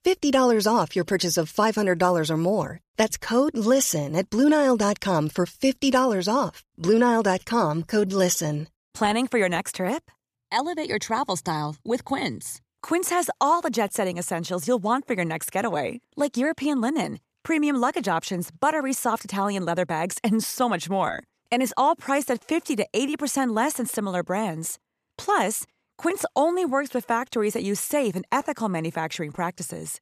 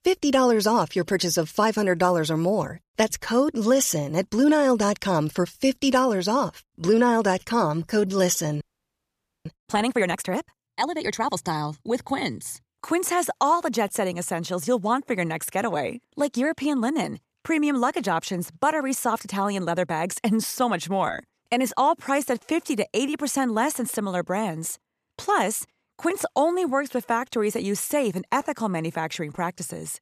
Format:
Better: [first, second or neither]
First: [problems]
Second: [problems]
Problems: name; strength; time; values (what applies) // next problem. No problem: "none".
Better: first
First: none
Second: audio freezing; at 8.5 s for 1 s